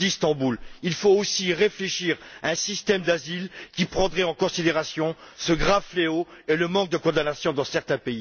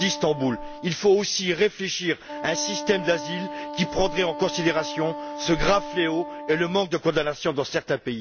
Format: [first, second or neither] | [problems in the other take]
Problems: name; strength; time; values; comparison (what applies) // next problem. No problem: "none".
first | background sound (Wind instrument, woodwind instrument); 11 dB below the speech